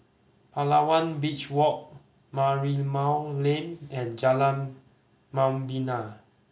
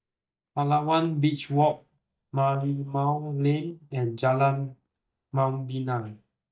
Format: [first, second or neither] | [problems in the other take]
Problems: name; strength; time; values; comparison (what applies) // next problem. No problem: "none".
first | noise reduction (neural mask model DeepFilterNet 3)